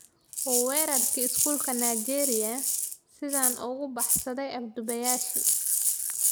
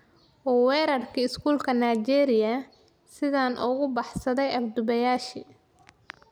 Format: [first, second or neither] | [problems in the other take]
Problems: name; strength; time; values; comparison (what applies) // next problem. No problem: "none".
second | background sound (Rattle (instrument)); 4 dB above the speech